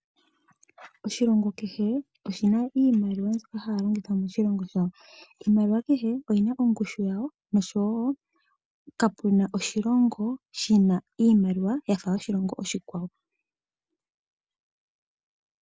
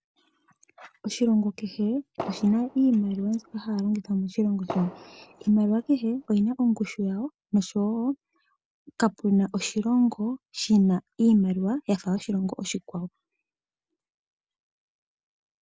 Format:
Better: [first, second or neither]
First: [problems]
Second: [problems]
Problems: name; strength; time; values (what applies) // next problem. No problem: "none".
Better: first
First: none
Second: background sound (Fireworks); 15 dB below the speech